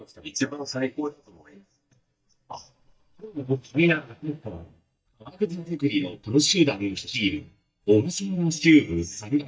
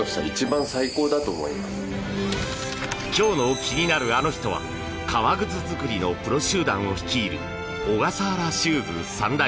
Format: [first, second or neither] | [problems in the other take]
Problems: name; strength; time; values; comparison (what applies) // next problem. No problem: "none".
second | noise reduction (neural mask model DeepFilterNet 3)